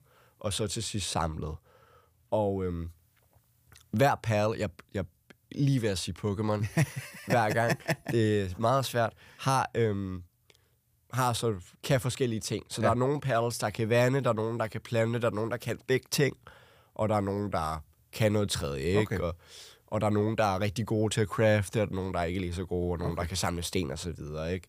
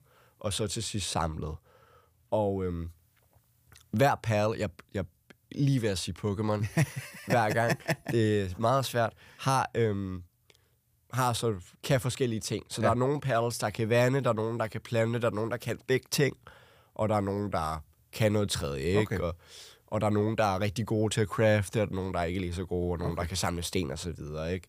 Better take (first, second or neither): neither